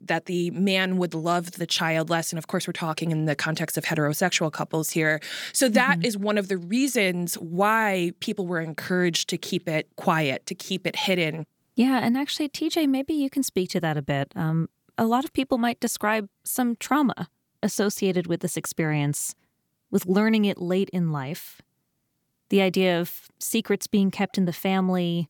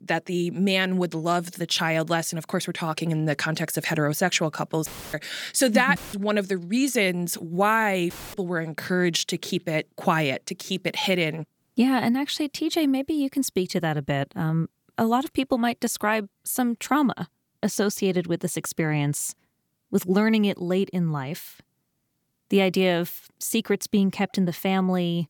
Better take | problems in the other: first | audio cutting out; filled with static; at 5 s, at 6 s and at 8 s

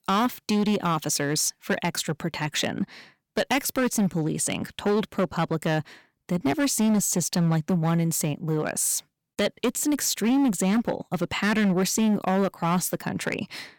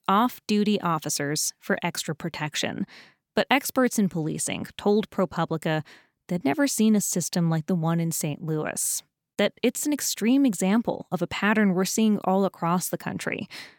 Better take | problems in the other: second | distortion; slight; 11% of the sound clipped

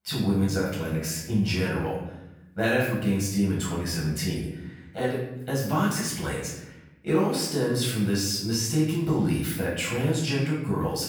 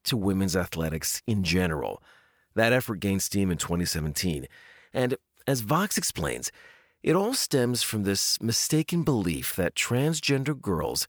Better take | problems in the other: second | off-mic speech; far // room echo; noticeable; dies away in 0.9 s

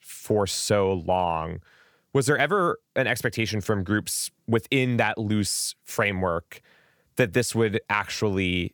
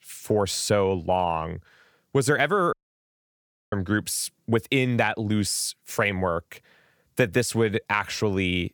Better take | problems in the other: first | audio cutting out; at 2.5 s for 1 s

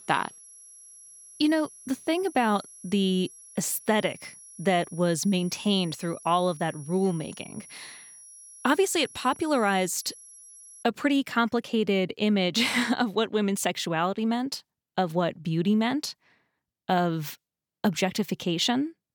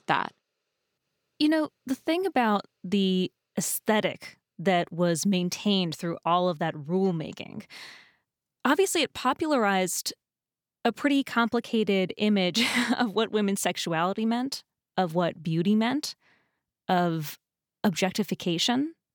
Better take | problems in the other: second | high-pitched whine; noticeable; until 11 s; 11 kHz, 20 dB below the speech

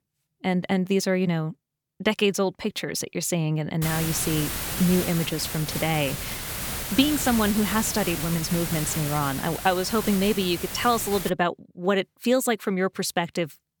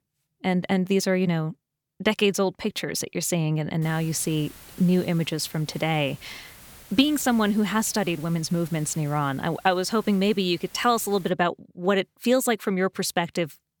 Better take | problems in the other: second | hiss; loud; from 4 to 11 s; 5 dB below the speech; faint in the second

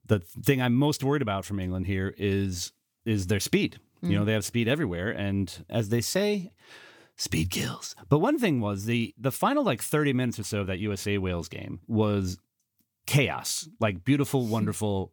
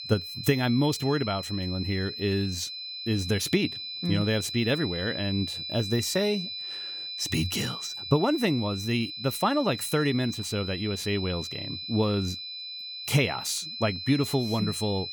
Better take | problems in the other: first | high-pitched whine; loud; throughout; 4 kHz, 6 dB below the speech

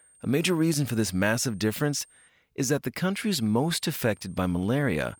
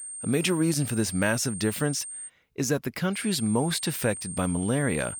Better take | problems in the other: first | high-pitched whine; loud; until 2.5 s and from 3 s on; 8.5 kHz, 8 dB below the speech; faint in the first

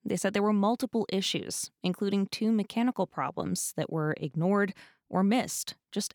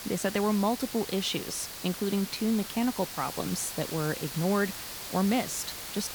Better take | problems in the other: first | hiss; loud; throughout; 7 dB below the speech

